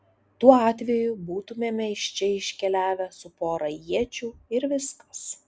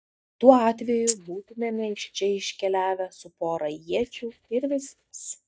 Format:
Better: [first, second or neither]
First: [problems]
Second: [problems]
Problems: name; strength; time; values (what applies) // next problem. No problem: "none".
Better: first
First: none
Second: noise reduction (neural mask model DeepFilterNet 3)